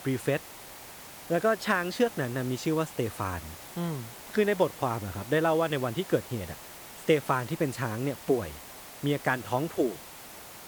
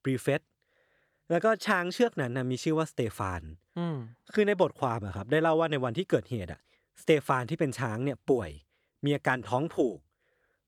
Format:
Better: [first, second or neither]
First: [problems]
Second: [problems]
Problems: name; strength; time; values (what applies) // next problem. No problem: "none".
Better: second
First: hiss; noticeable; throughout; 15 dB below the speech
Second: none